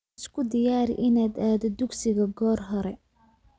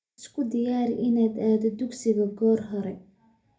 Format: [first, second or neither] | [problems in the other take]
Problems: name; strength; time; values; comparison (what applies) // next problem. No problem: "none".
first | room echo; dies away in 0.3 s